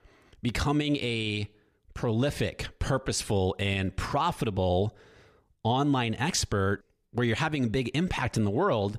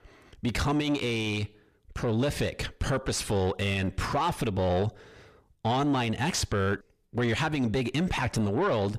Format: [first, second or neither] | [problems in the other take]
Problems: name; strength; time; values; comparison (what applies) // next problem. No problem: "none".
first | distortion; slight; 9 dB below the speech